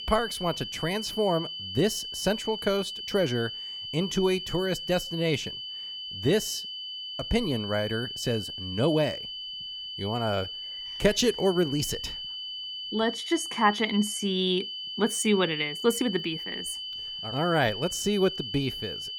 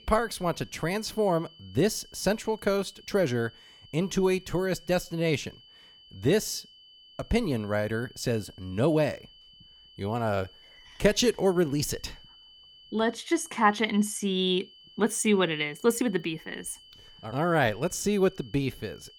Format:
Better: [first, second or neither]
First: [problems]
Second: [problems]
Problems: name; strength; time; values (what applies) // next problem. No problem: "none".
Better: second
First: high-pitched whine; loud; throughout; 3 kHz, 6 dB below the speech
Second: high-pitched whine; faint; throughout; 3 kHz, 25 dB below the speech